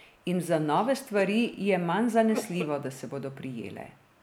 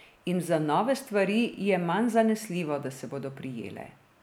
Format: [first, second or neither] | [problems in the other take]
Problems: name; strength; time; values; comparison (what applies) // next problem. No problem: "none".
second | background sound (Cough); 14 dB below the speech